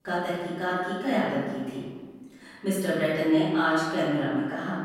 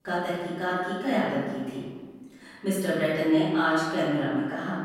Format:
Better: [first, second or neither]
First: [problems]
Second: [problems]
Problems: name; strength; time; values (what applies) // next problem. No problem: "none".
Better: neither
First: off-mic speech; far // room echo; strong; dies away in 1.3 s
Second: off-mic speech; far // room echo; strong; dies away in 1.3 s